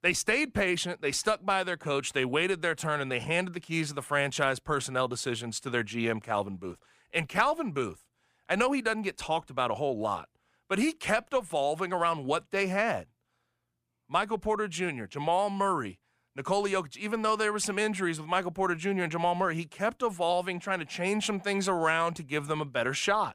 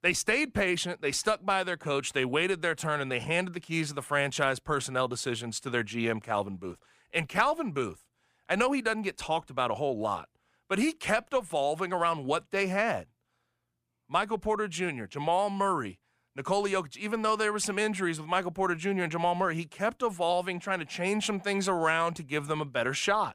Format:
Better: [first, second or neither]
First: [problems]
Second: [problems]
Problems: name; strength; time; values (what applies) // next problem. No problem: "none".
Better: neither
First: none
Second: none